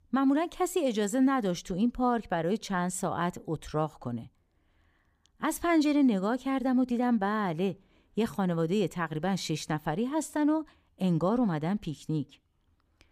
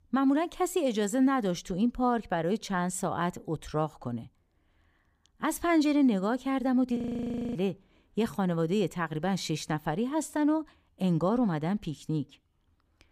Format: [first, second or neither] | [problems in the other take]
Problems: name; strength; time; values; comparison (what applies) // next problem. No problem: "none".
first | audio freezing; at 7 s for 0.5 s